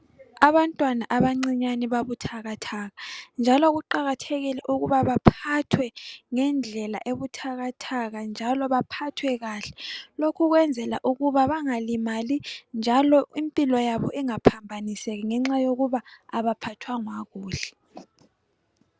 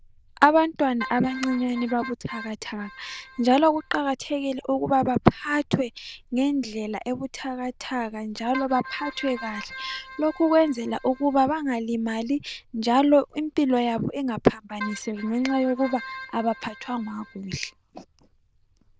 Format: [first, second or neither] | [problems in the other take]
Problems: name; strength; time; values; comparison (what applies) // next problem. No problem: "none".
first | noise reduction (neural diffusion model UNIVERSE++)